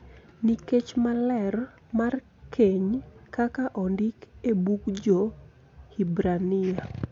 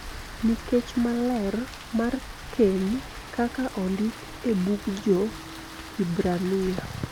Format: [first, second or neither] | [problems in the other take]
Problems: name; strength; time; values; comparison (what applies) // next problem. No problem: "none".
first | background sound (Rain); 13 dB below the speech